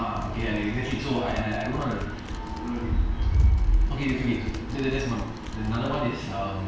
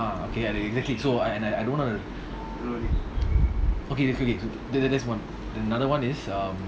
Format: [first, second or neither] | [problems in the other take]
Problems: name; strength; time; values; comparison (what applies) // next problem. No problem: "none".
second | background sound (Typing); 12 dB below the speech // room echo; dies away in 0.7 s